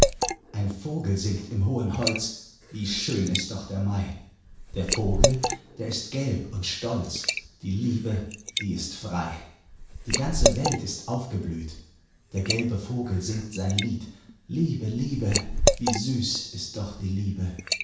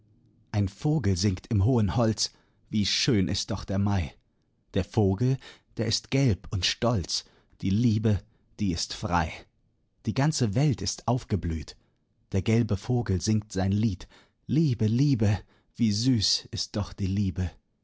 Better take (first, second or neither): second